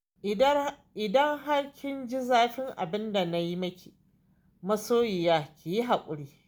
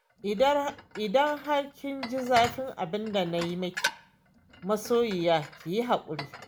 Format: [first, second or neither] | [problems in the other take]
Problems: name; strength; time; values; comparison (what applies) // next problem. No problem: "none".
first | background sound (Dishes, pots, and pans); 12 dB below the speech